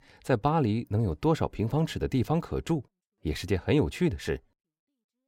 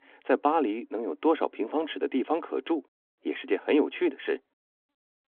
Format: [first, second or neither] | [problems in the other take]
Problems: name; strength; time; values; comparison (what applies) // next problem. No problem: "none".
first | phone-call audio; nothing above 3.5 kHz